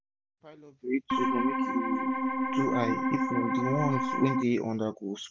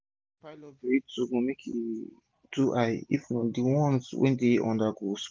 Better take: second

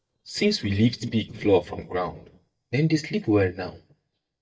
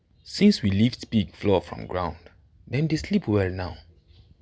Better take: second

